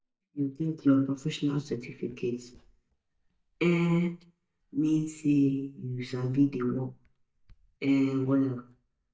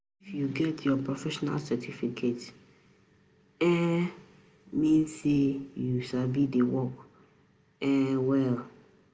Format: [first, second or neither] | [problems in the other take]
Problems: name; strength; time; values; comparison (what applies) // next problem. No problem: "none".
second | noise reduction (neural mask model DeepFilterNet 3)